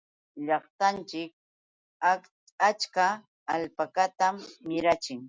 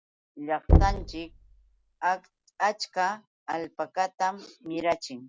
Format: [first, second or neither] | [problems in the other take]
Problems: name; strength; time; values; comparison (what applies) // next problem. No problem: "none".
first | background sound (Knock); 4 dB above the speech